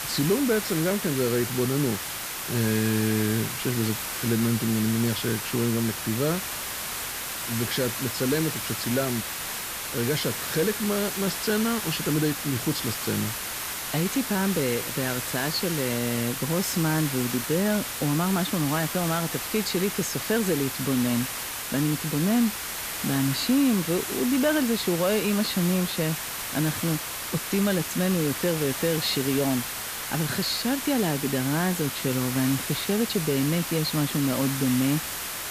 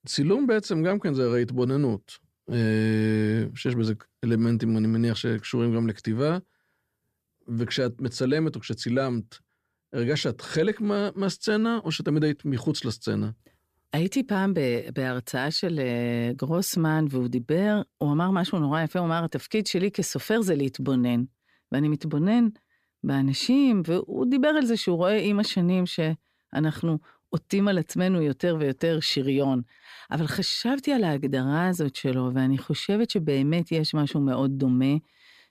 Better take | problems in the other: second | hiss; loud; throughout; 3 dB below the speech

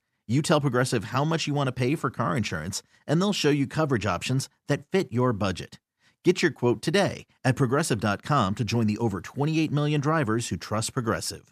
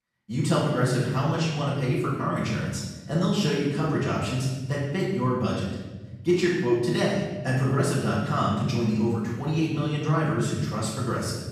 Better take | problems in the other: first | room echo; noticeable; dies away in 1.3 s // off-mic speech; far

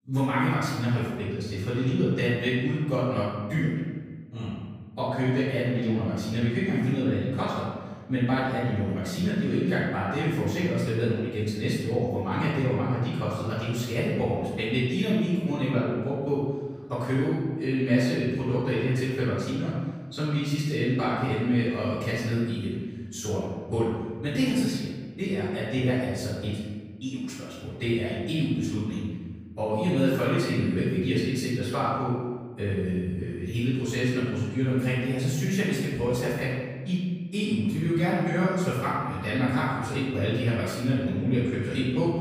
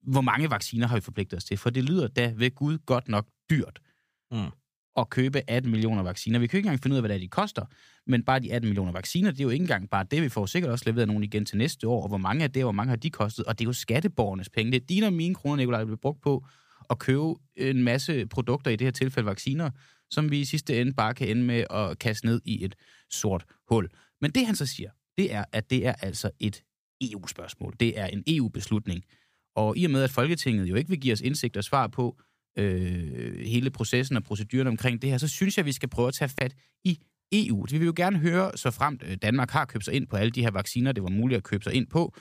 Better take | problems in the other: second | off-mic speech; far // room echo; strong; dies away in 1.3 s

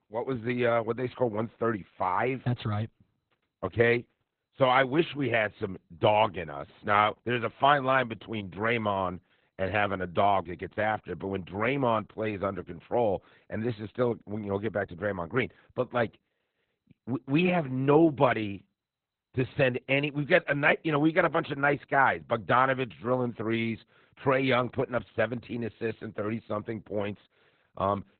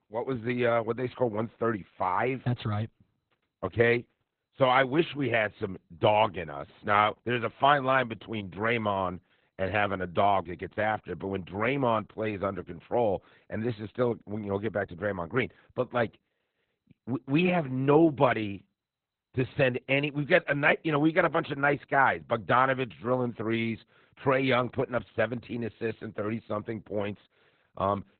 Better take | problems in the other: neither | garbled, watery; badly; nothing above 3.5 kHz; the same in both

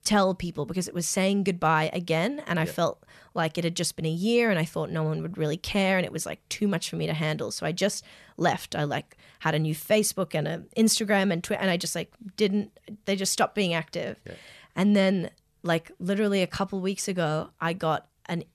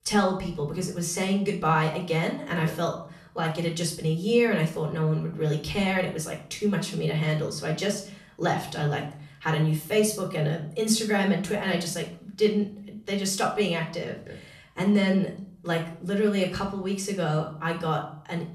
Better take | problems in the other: first | off-mic speech; somewhat distant // room echo; slight; dies away in 0.5 s

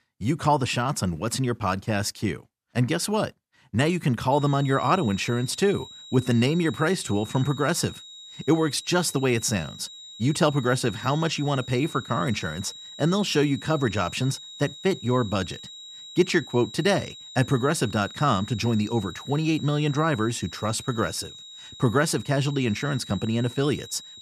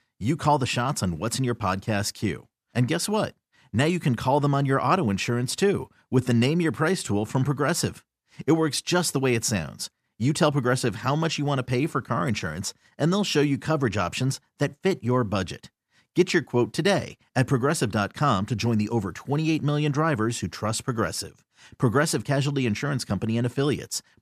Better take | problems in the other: second | high-pitched whine; noticeable; from 4.5 s on; 4 kHz, 15 dB below the speech

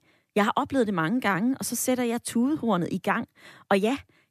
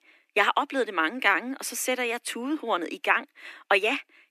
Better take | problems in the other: first | thin; somewhat; fading below 300 Hz

